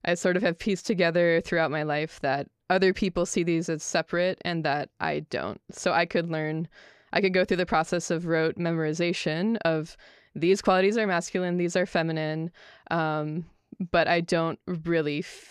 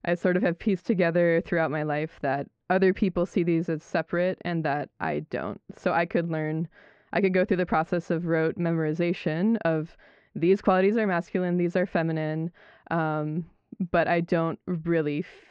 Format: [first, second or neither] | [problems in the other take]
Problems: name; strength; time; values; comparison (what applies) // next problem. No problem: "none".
first | muffled; slightly; fading above 2.5 kHz